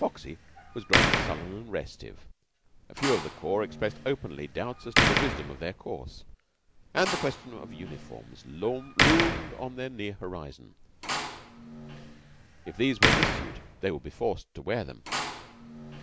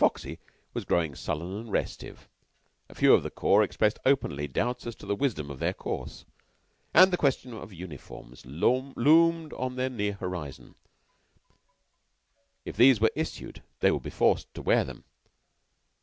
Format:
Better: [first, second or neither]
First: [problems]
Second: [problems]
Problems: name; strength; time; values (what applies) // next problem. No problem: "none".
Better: second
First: background sound (Slam); 2 dB above the speech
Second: none